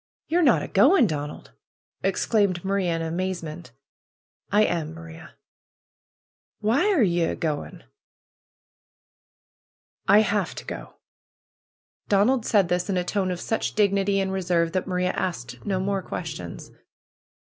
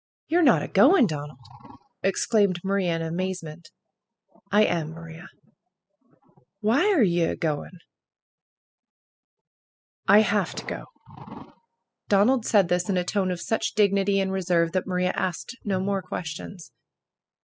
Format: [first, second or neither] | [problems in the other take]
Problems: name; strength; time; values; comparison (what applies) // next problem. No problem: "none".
first | noise reduction (classical method spectral subtraction)